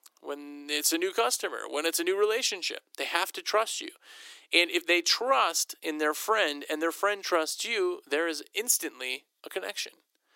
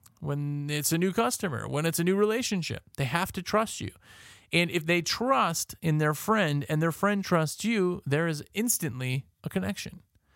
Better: second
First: thin; very; fading below 300 Hz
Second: none

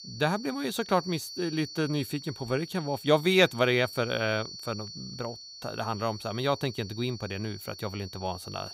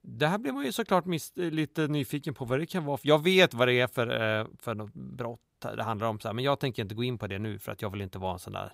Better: second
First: high-pitched whine; noticeable; throughout; 4.5 kHz, 10 dB below the speech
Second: none

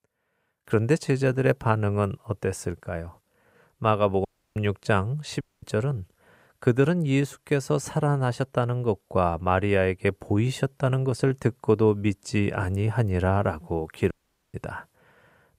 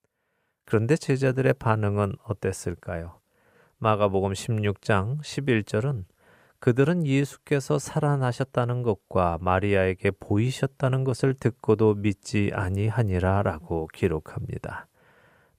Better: second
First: audio cutting out; at 4.5 s, at 5.5 s and at 14 s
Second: none

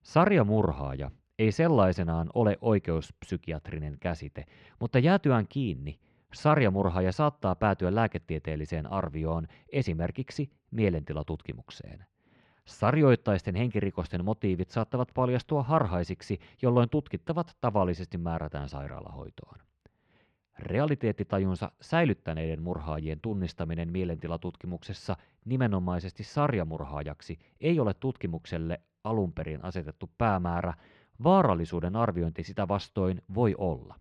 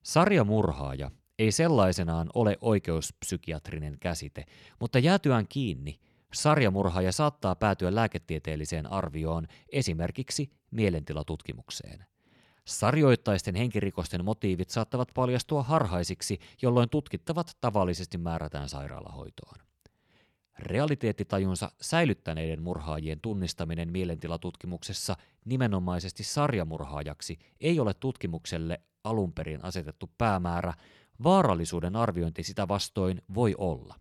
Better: second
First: muffled; slightly; fading above 2.5 kHz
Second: none

